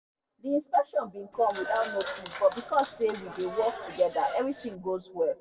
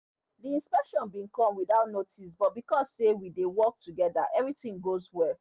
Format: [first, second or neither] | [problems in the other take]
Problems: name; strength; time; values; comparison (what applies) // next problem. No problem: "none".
second | background sound (Applause / Clapping); 11 dB below the speech // room echo; dies away in 1.4 s